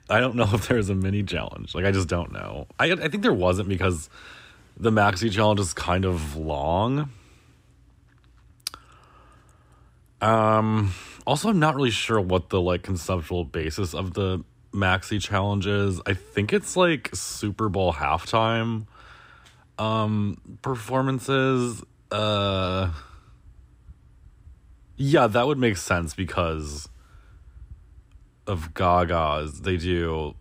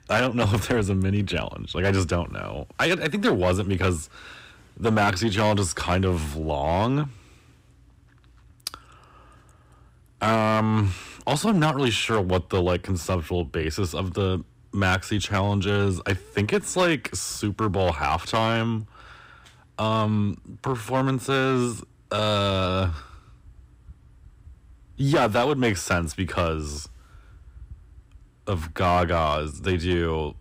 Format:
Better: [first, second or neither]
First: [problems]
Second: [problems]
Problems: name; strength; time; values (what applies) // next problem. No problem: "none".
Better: first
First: none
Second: distortion; slight; 4% of the sound clipped